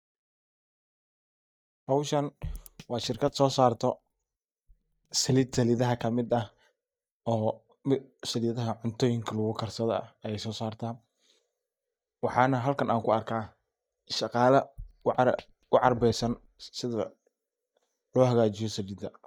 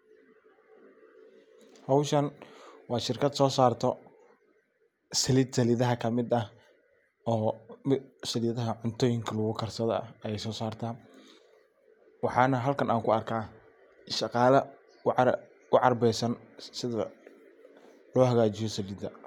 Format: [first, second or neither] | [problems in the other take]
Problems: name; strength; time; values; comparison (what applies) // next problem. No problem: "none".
second | noise reduction (neural mask model DeepFilterNet 3)